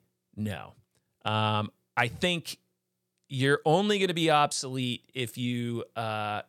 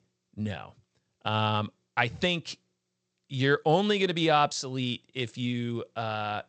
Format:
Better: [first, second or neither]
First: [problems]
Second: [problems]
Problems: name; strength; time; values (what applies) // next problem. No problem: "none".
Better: first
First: none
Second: garbled, watery; slightly; nothing above 8 kHz